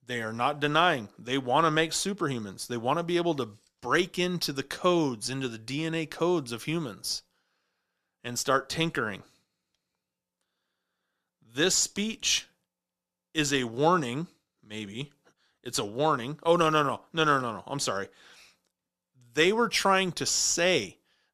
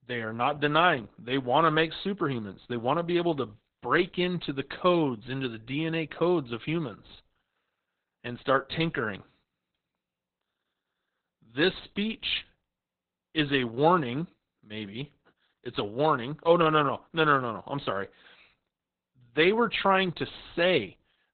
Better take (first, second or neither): first